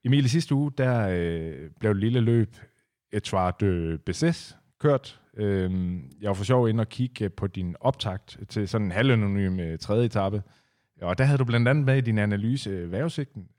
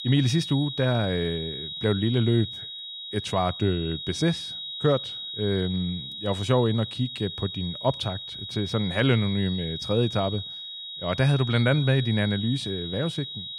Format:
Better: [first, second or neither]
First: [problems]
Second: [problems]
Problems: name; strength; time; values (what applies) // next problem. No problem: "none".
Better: first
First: none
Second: high-pitched whine; loud; throughout; 4 kHz, 7 dB below the speech